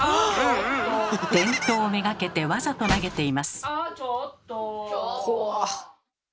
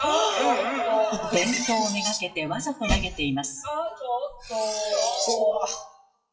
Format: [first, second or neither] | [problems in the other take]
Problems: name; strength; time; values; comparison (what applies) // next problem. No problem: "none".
first | noise reduction (classical method WPE with log-MMSE)